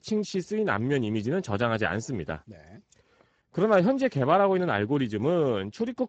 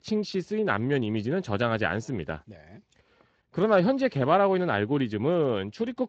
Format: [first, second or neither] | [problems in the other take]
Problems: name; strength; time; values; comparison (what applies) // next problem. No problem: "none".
second | garbled, watery; badly; nothing above 7.5 kHz; slightly in the second